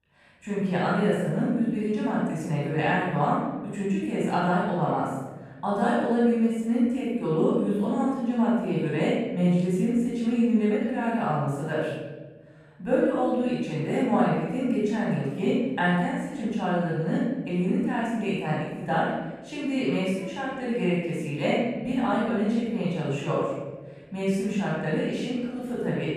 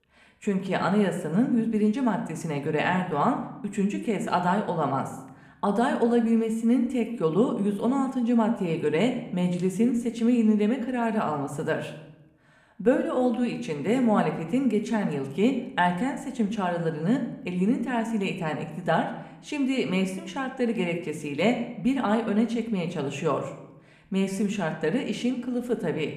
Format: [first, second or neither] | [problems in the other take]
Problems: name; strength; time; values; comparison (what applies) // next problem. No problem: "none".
second | room echo; strong; dies away in 1.3 s; slight in the second // off-mic speech; far